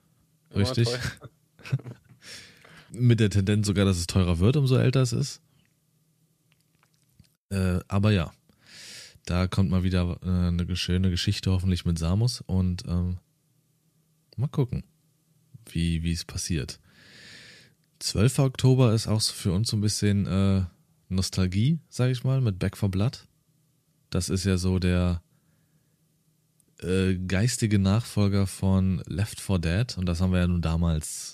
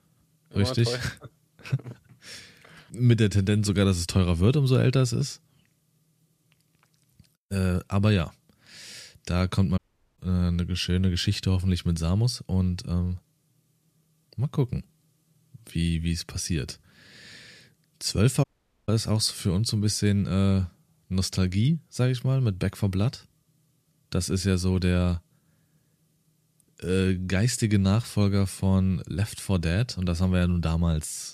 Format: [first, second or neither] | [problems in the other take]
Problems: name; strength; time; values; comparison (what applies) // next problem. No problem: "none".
first | audio cutting out; at 10 s and at 18 s